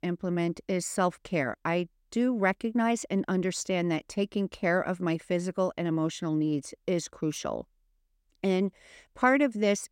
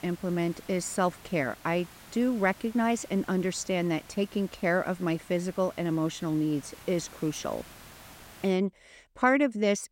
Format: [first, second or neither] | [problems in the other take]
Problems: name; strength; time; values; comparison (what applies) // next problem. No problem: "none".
first | hiss; faint; until 8.5 s; 20 dB below the speech